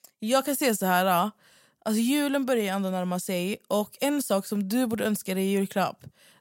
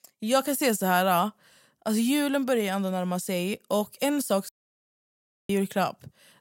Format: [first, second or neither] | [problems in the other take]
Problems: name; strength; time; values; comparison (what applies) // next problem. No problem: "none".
first | audio cutting out; at 4.5 s for 1 s